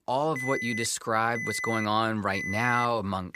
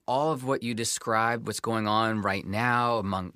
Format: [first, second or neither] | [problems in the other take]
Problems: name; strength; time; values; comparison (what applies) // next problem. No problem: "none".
second | alarm; noticeable; peak 3 dB below the speech